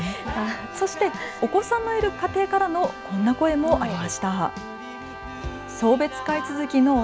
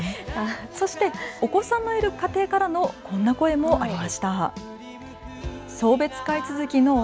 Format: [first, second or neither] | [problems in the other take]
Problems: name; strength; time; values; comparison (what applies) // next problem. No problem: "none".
second | background sound (Gong + Brass instrument); 14 dB below the speech